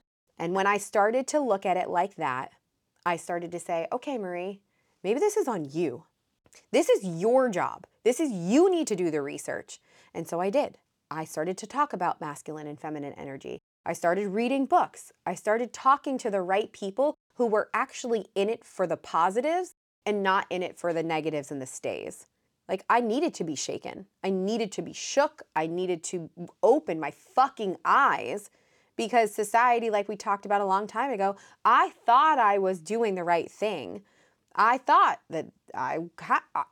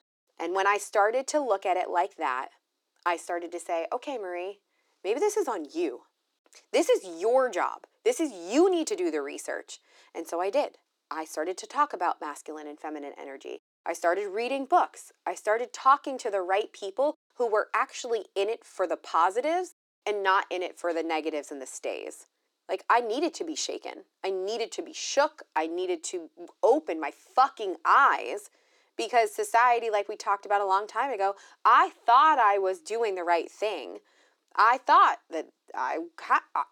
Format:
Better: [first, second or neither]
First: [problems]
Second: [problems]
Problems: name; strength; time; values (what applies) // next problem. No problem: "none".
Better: first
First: none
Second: thin; somewhat; fading below 300 Hz